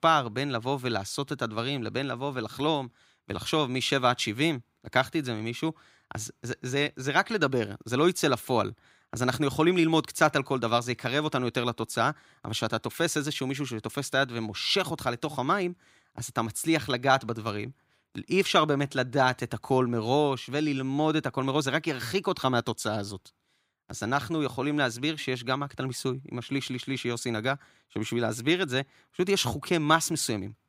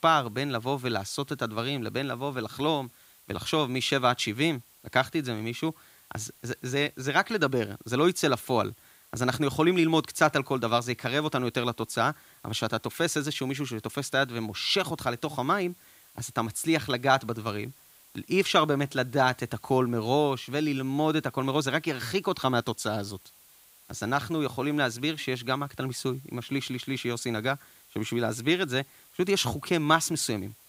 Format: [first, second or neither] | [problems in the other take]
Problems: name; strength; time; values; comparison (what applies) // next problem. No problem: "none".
first | hiss; faint; throughout; 25 dB below the speech